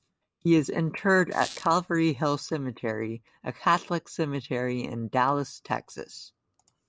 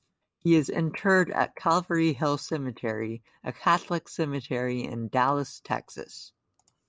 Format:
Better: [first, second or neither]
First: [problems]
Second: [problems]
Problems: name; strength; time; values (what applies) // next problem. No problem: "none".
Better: second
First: background sound (Squeak); 16 dB below the speech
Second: none